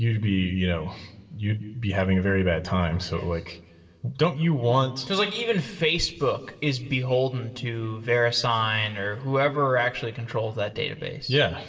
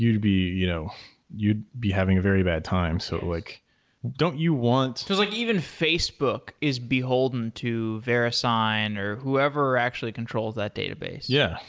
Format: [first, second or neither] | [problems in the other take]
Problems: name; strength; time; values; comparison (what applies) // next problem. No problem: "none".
second | room echo; dies away in 2 s